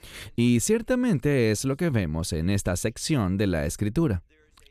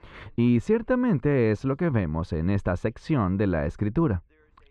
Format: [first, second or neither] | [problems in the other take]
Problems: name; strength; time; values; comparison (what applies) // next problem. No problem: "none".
first | muffled; very; fading above 2 kHz